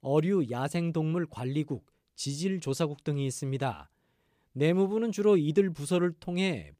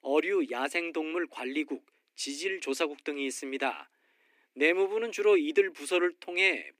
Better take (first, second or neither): first